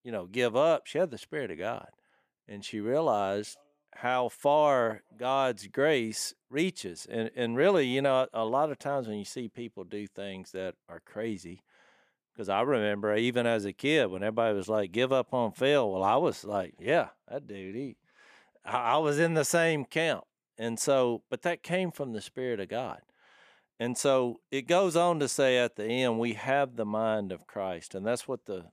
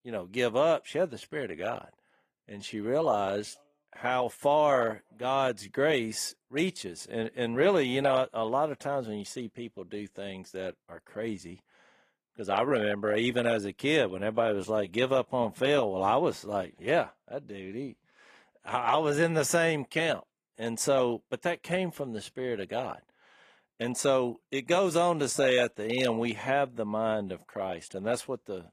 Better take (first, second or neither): first